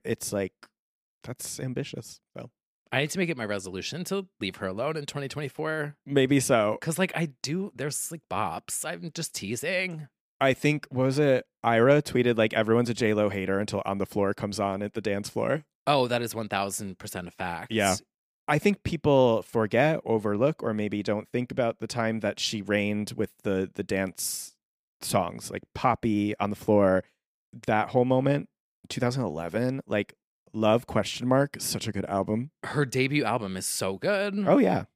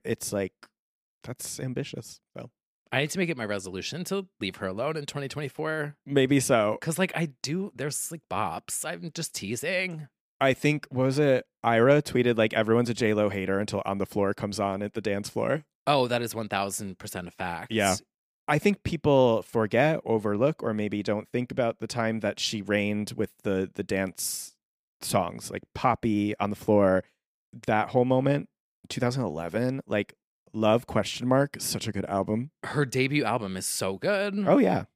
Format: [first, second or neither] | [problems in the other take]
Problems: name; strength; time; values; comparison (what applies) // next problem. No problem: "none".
neither | none